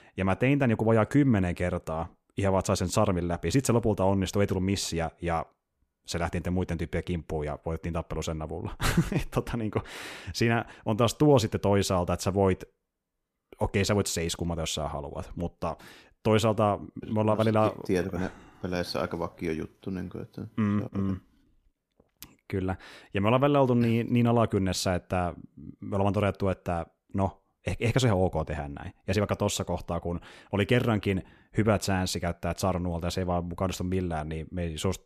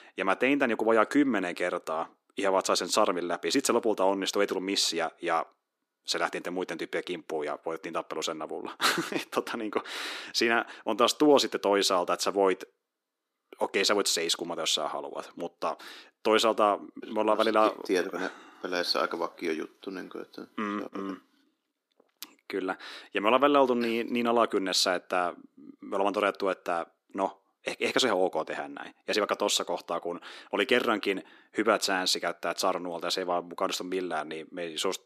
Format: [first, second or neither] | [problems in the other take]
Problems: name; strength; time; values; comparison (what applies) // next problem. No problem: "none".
first | thin; somewhat; fading below 300 Hz